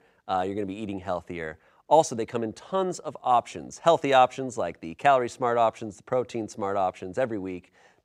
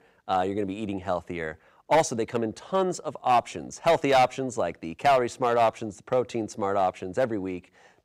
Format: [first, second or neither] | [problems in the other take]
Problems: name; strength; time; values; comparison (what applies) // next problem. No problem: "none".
first | distortion; slight; 3% of the sound clipped